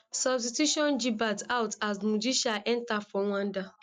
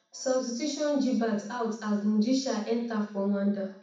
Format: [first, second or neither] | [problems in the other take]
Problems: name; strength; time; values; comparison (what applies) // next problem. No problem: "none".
first | room echo; dies away in 0.6 s